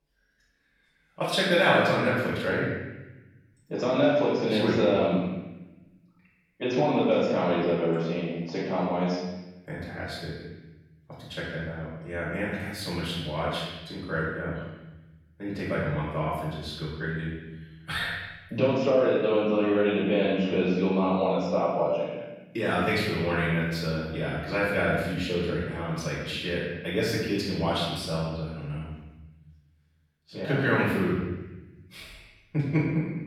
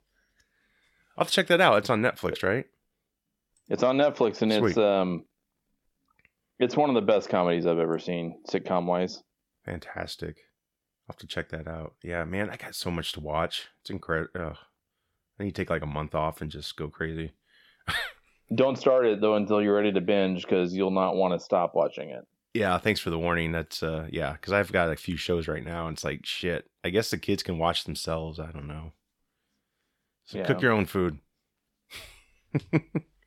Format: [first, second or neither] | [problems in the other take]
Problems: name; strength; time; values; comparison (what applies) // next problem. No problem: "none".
second | off-mic speech; far // room echo; strong; dies away in 1.1 s